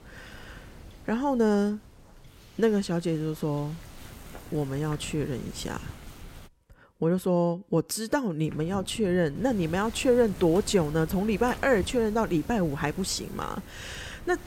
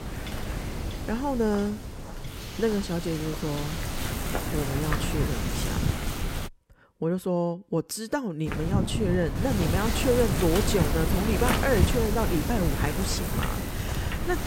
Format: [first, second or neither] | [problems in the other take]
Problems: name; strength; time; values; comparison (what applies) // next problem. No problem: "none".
first | wind noise on the microphone; heavy; until 6.5 s and from 8.5 s on; 3 dB below the speech; occasional gusts in the first